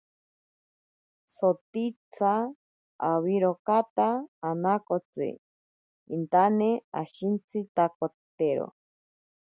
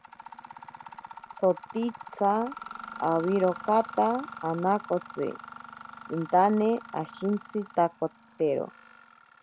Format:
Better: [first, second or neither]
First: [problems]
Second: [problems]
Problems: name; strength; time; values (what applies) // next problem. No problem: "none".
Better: first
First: none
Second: background sound (Mechanisms); 15 dB below the speech